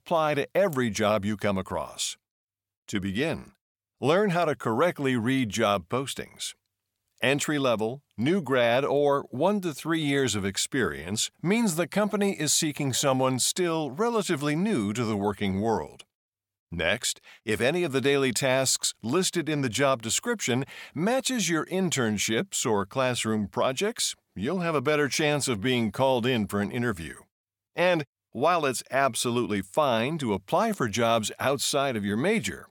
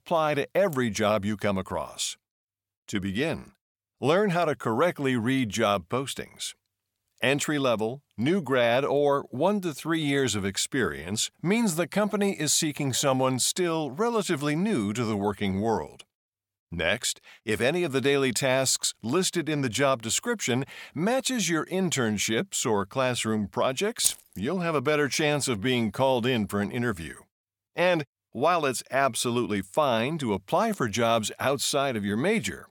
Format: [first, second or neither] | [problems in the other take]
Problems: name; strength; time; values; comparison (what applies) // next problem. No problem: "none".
first | jangling keys; noticeable; at 24 s; peak 1 dB below the speech